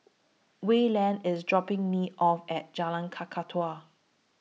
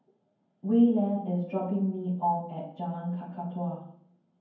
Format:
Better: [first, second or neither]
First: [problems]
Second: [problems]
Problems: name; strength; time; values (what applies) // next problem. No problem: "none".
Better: first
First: none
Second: room echo; dies away in 0.9 s